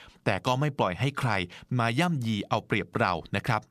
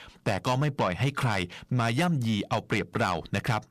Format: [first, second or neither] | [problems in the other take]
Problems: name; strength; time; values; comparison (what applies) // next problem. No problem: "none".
first | distortion; slight; 10 dB below the speech